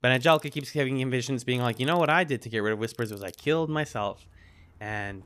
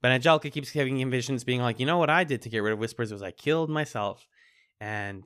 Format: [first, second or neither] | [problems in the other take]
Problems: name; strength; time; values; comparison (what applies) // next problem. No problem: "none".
second | machinery noise; faint; throughout; 25 dB below the speech